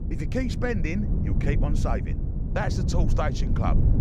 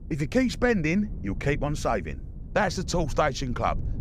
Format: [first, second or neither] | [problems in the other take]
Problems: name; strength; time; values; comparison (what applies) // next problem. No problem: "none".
second | low rumble; loud; throughout; 7 dB below the speech; faint in the second